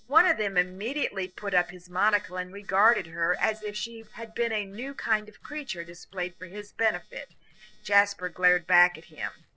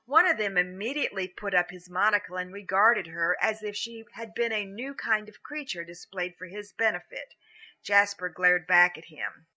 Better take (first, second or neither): second